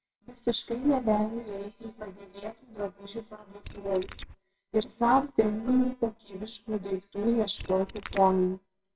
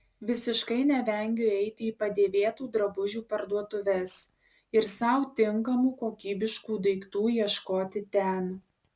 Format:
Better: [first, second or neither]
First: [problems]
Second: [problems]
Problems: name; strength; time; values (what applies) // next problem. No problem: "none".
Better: second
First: noise reduction (neural separator model SepFormer WHAMR!)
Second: none